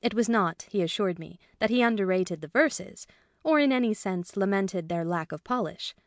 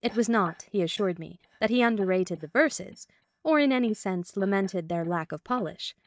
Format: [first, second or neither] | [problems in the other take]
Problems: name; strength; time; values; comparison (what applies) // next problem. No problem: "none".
first | noise reduction (neural mask model DeepFilterNet 3)